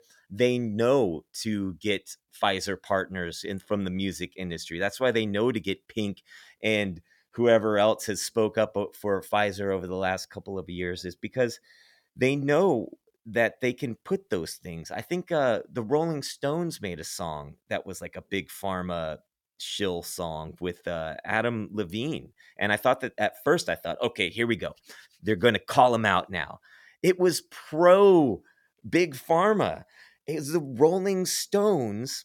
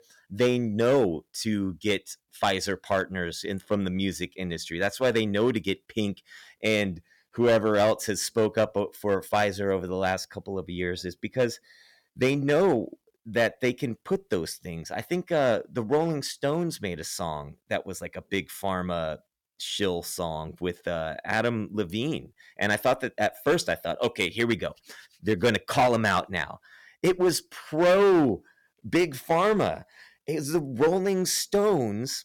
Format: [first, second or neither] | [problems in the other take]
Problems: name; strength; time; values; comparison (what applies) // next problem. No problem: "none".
first | distortion; slight; 4% of the sound clipped